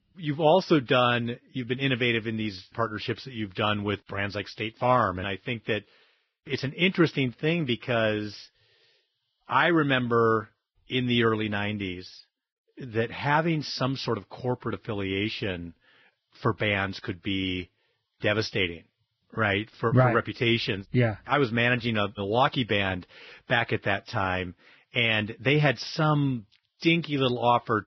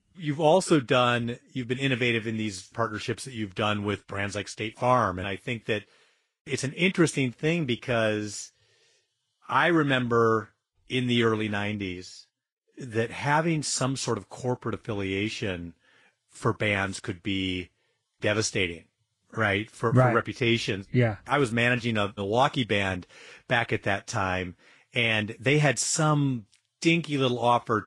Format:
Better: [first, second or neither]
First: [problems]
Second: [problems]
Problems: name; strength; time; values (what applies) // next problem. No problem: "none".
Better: second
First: garbled, watery; badly; nothing above 5.5 kHz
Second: garbled, watery; slightly